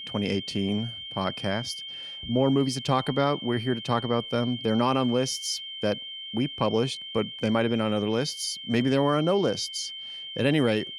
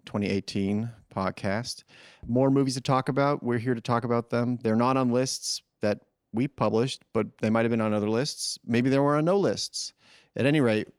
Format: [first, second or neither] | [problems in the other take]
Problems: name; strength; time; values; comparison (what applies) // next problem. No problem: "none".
second | high-pitched whine; loud; throughout; 3 kHz, 9 dB below the speech